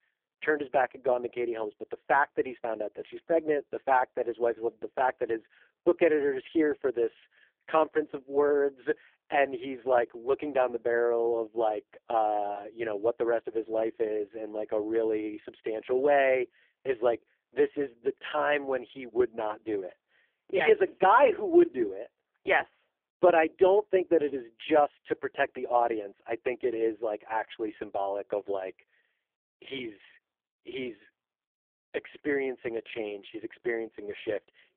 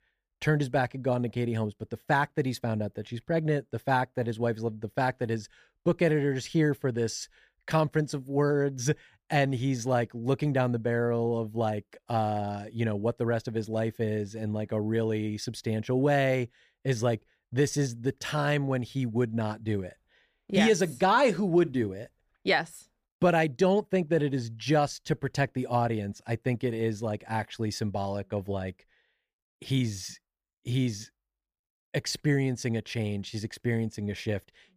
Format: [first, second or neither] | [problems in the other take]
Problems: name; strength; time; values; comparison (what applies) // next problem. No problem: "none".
second | phone-call audio; poor line